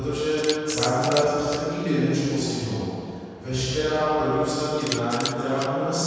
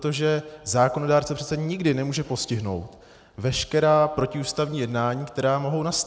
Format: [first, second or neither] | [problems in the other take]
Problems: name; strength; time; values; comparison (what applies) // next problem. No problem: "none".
second | background sound (Camera); 14 dB below the speech // room echo; dies away in 2.1 s